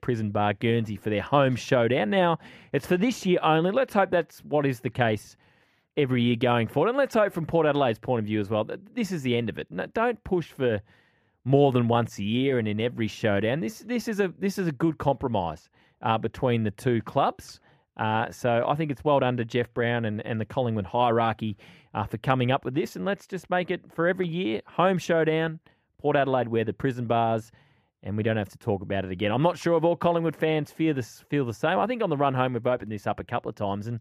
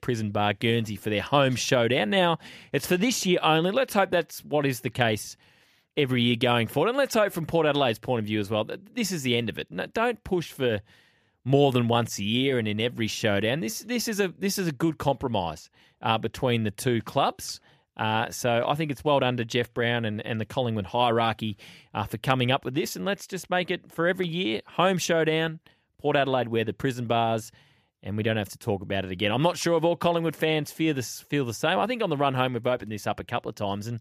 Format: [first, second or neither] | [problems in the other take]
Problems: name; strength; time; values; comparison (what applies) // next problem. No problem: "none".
second | muffled; slightly; fading above 2.5 kHz